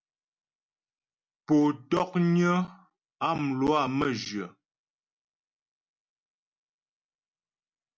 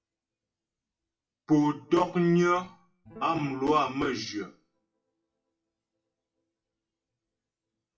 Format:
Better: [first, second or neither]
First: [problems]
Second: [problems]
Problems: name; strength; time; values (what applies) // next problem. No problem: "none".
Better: first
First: none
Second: noise reduction (classical method WPE with log-MMSE)